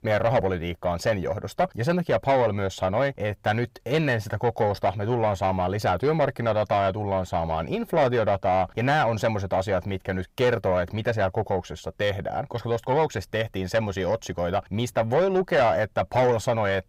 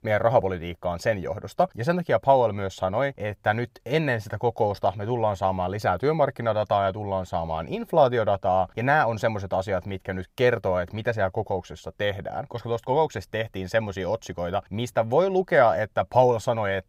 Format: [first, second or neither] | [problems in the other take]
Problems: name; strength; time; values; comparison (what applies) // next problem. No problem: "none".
second | distortion; slight; 10 dB below the speech